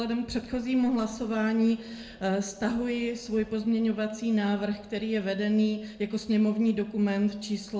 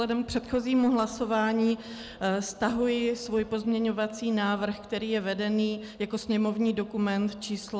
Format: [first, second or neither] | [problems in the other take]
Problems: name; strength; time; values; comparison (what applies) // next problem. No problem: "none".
second | room echo; dies away in 0.5 s